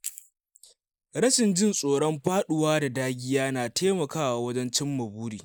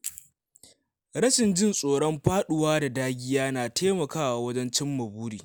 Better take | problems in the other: second | noise reduction (neural mask model Resemble Enhance denoiser)

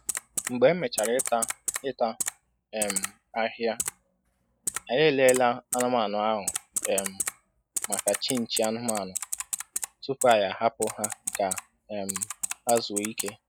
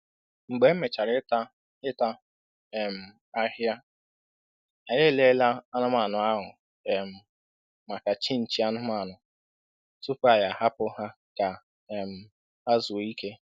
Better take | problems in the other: second | background sound (Typing); 7 dB below the speech

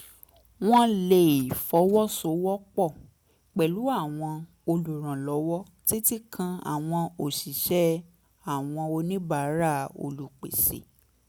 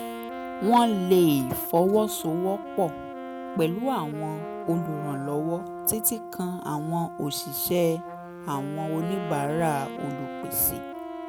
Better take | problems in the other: first | background sound (Brass instrument + Wind instrument, woodwind instrument); 9 dB below the speech

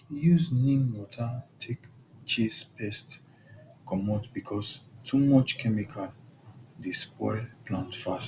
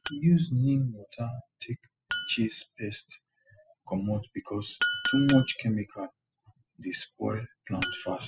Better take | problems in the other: first | noise reduction (classical method spectral subtraction)

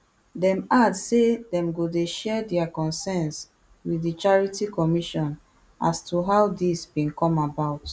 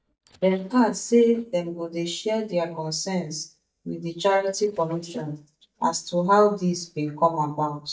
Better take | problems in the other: first | noise reduction (neural mask model DeepFilterNet 3)

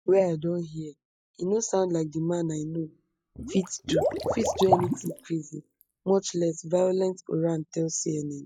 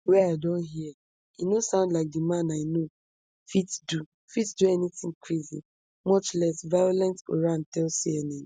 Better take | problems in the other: second | noise reduction (classical method log-MMSE)

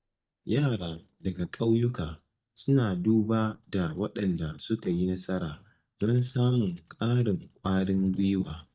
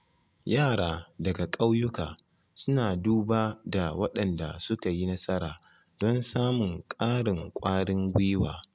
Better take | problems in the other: second | noise reduction (neural mask model DeepFilterNet 3)

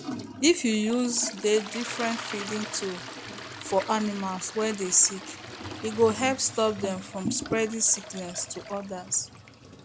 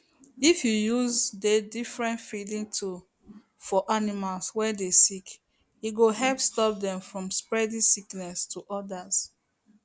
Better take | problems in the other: second | background sound (Toilet flush); 11 dB below the speech

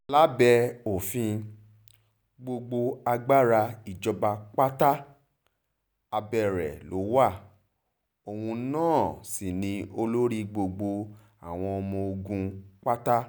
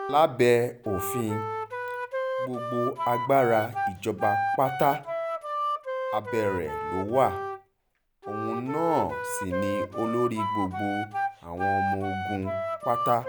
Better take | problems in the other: first | background sound (Wind instrument, woodwind instrument); 3 dB below the speech

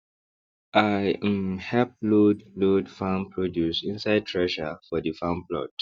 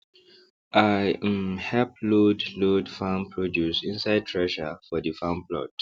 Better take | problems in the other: second | noise reduction (neural mask model DeepFilterNet 3)

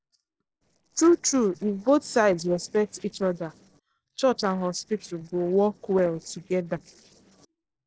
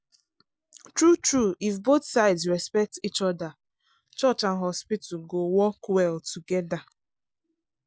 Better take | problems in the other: second | noise reduction (neural separator model SepFormer DNS4)

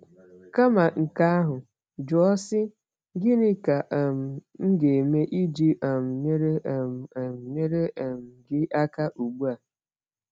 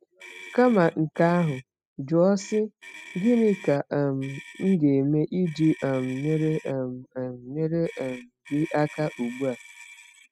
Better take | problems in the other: first | noise reduction (classical method spectral subtraction)

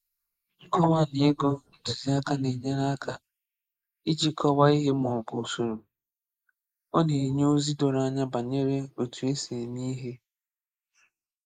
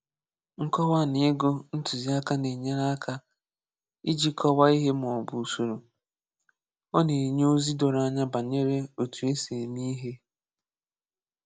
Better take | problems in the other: second | noise reduction (neural mask model Resemble Enhance denoiser)

